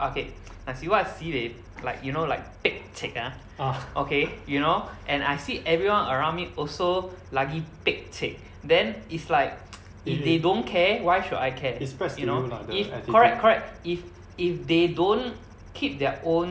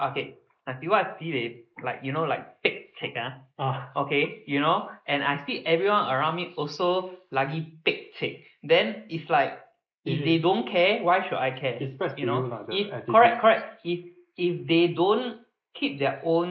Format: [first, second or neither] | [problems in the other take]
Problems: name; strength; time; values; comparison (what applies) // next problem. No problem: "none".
first | noise reduction (neural mask model Resemble Enhance denoiser)